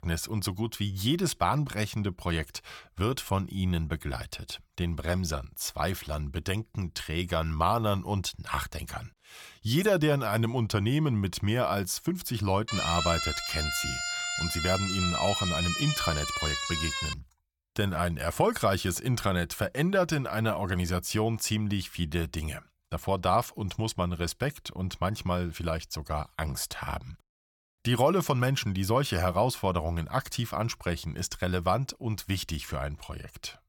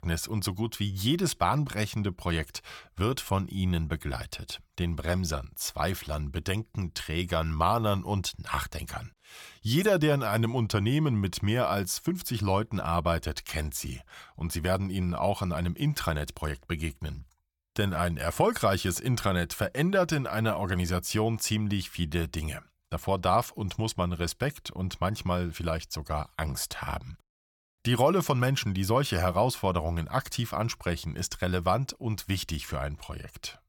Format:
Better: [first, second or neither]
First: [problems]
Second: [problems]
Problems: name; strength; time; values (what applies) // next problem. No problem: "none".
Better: second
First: siren; loud; from 13 to 17 s; peak 1 dB above the speech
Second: none